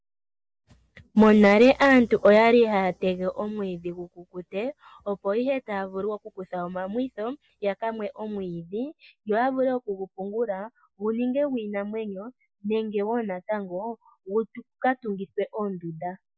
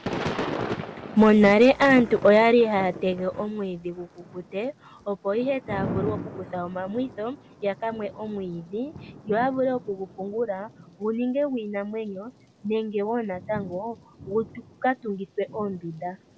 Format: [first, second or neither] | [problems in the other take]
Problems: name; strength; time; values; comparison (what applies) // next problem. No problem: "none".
first | background sound (Thunder / Rain); 12 dB below the speech